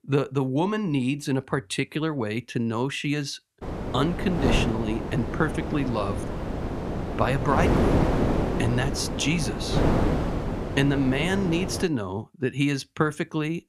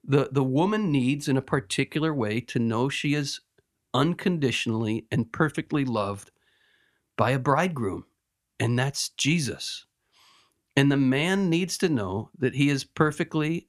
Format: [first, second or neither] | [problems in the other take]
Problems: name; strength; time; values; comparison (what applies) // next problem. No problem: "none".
second | wind noise on the microphone; heavy; from 3.5 to 12 s; 2 dB below the speech